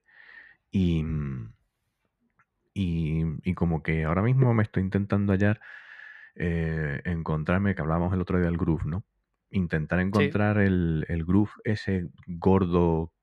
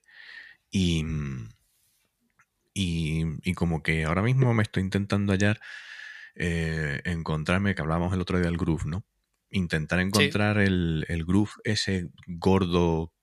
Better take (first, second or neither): second